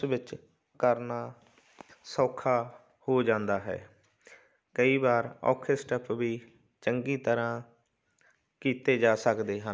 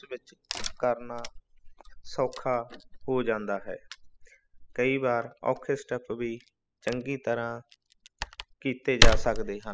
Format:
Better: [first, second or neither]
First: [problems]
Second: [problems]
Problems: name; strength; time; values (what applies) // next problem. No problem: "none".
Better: first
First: none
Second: noise reduction (classical method spectral subtraction)